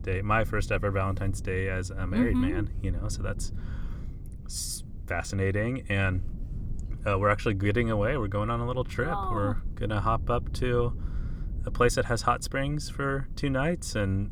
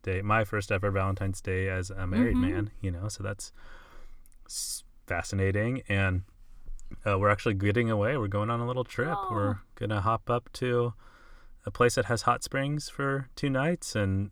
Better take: second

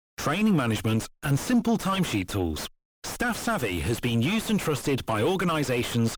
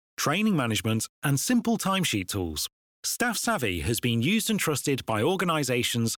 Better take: second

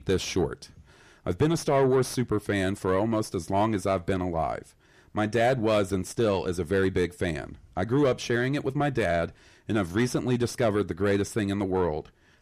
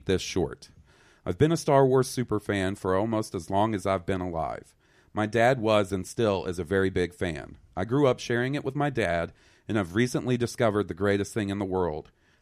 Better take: second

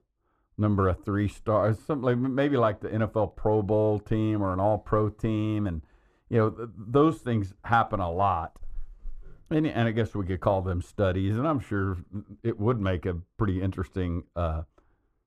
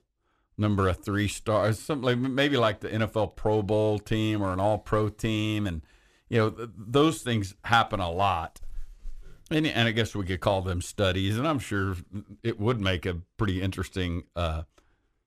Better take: second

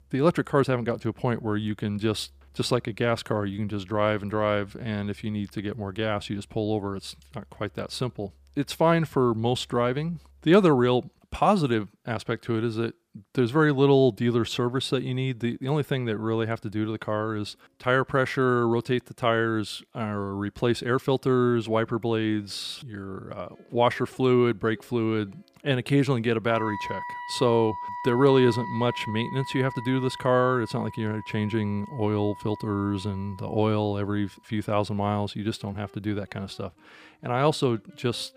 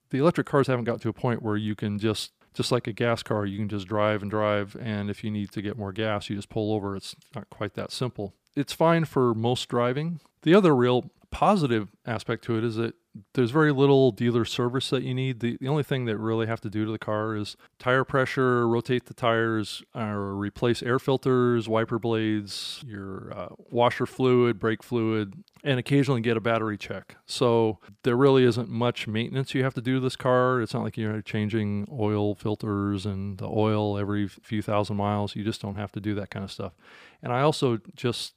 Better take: second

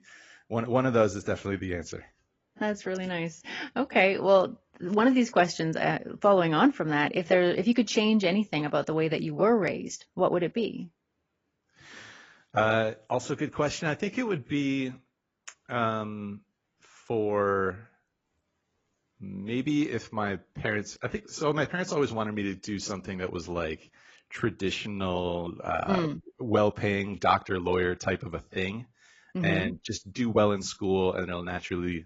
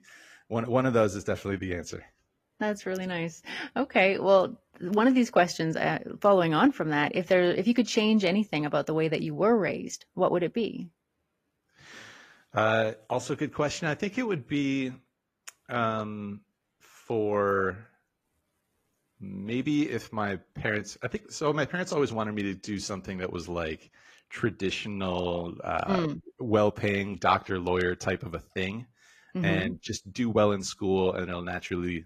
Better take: second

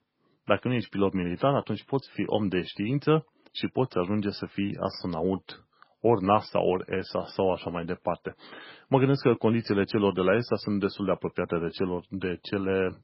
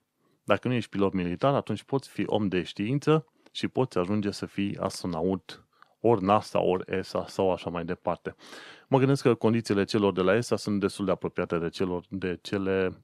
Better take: second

